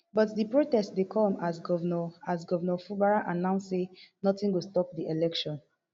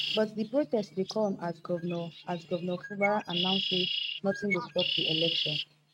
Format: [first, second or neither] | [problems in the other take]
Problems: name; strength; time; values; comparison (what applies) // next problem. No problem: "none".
first | noise reduction (neural mask model RNNoise)